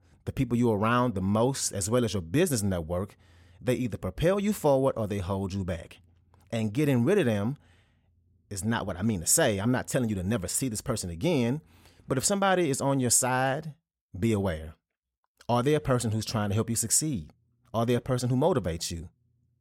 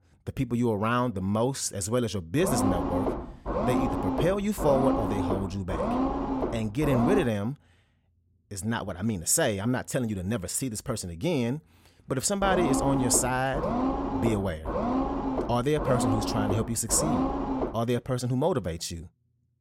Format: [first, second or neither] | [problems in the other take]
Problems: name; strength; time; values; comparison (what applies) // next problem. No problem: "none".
first | low rumble; loud; from 2.5 to 7 s and from 12 to 18 s; 1 dB below the speech